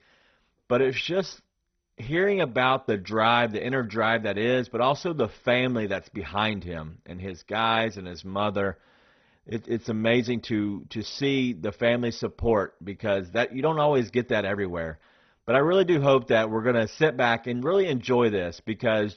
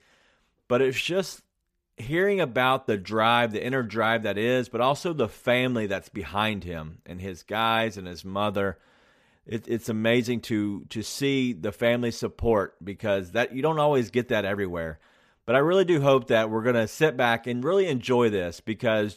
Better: second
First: garbled, watery; badly; nothing above 6 kHz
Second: none

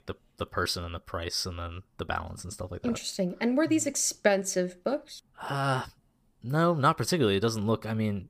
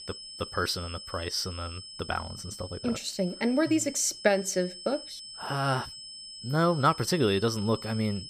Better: first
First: none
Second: high-pitched whine; noticeable; throughout; 5 kHz, 10 dB below the speech

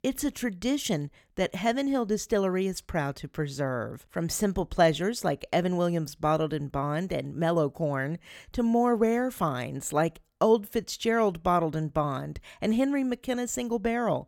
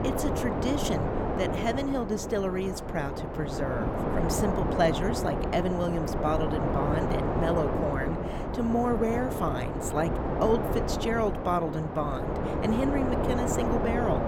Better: first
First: none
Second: wind noise on the microphone; heavy; 1 dB below the speech

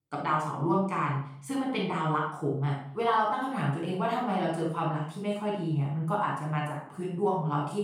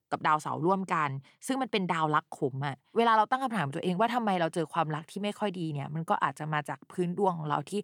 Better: second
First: room echo; noticeable; dies away in 0.5 s // off-mic speech; far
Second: none

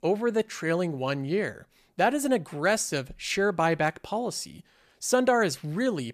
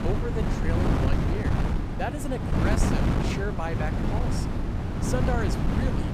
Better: first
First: none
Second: wind noise on the microphone; heavy; 1 dB above the speech

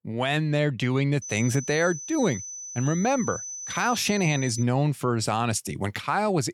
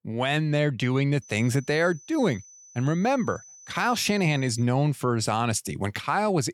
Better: second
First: high-pitched whine; loud; from 1 to 4.5 s; 6 kHz, 9 dB below the speech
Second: high-pitched whine; faint; from 1 to 4.5 s; 6 kHz, 20 dB below the speech

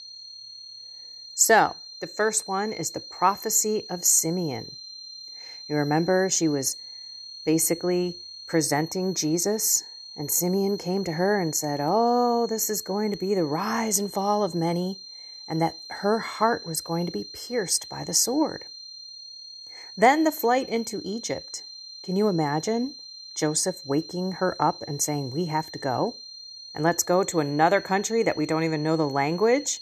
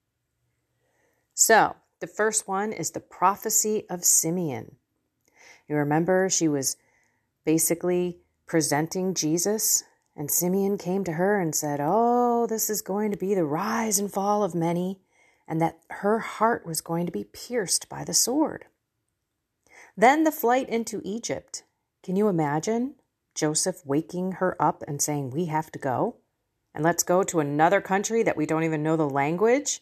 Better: second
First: high-pitched whine; noticeable; throughout; 4 kHz, 15 dB below the speech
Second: none

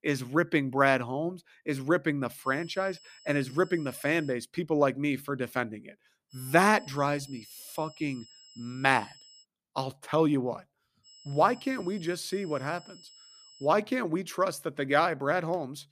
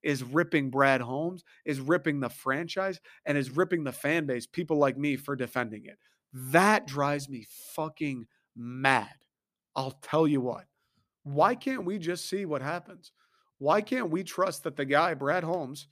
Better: second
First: high-pitched whine; faint; from 2.5 to 4.5 s, from 6.5 to 9.5 s and from 11 to 14 s; 5 kHz, 25 dB below the speech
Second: none

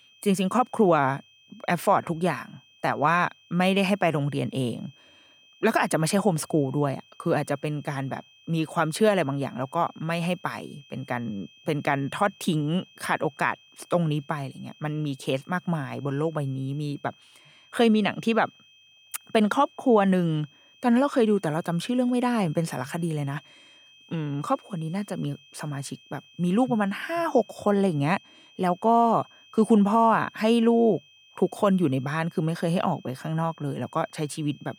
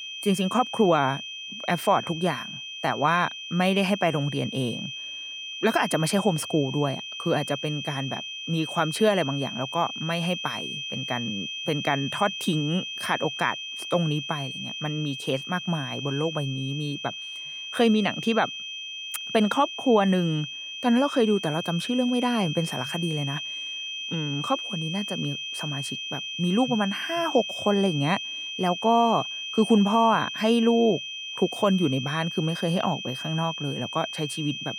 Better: first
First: high-pitched whine; faint; throughout; 3 kHz, 30 dB below the speech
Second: high-pitched whine; loud; throughout; 3 kHz, 7 dB below the speech

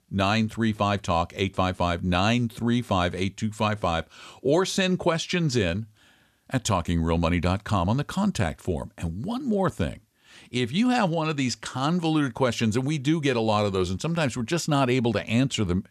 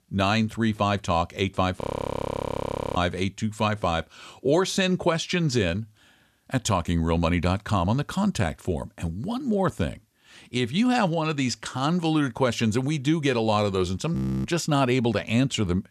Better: first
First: none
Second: audio freezing; at 2 s for 1 s and at 14 s

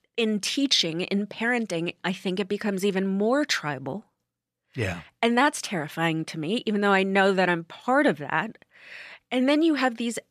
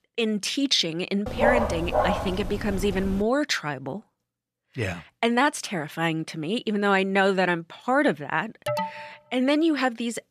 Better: first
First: none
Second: dog barking; loud; from 1.5 to 3 s; peak 2 dB above the speech // alarm; noticeable; at 8.5 s; peak 4 dB below the speech

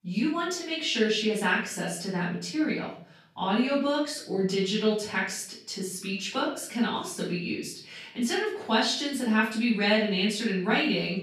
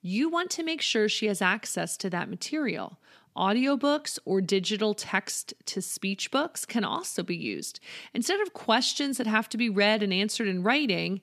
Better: second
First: room echo; noticeable; dies away in 0.5 s // off-mic speech; far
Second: none

